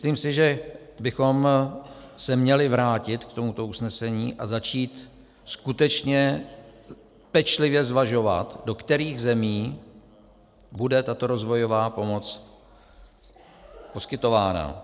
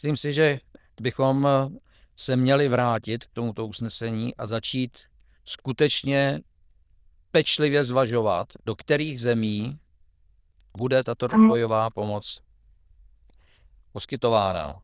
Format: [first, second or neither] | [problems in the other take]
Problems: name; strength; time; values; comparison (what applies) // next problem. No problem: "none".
first | noise reduction (neural diffusion model UNIVERSE++)